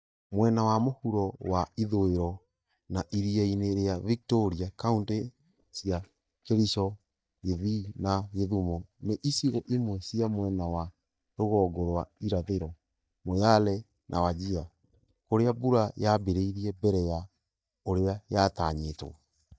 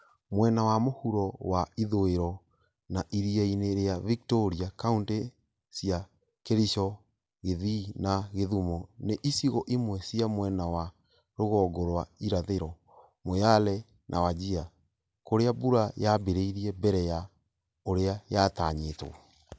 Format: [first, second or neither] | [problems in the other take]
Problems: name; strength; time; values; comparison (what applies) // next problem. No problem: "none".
second | noise reduction (neural mask model DeepFilterNet 3)